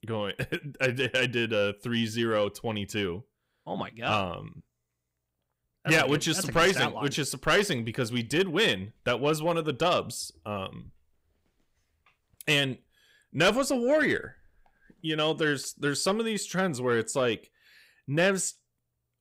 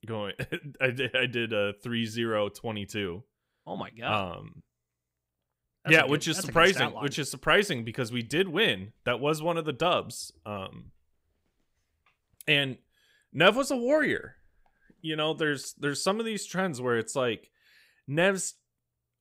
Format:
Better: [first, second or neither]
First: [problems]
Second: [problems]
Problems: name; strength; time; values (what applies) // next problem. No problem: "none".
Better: second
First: distortion; slight; 10 dB below the speech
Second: none